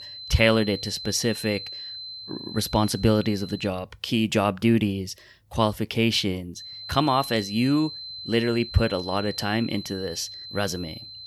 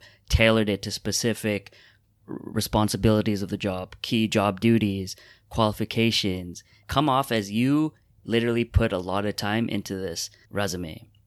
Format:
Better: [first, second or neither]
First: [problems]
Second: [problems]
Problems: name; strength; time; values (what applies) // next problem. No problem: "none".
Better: second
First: high-pitched whine; noticeable; until 3.5 s and from 6.5 s on; 4 kHz, 10 dB below the speech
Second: none